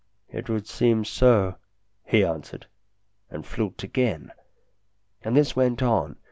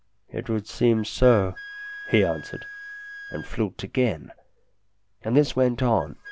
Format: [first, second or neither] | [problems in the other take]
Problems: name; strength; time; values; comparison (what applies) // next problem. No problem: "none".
first | background sound (Wind instrument, woodwind instrument); 18 dB below the speech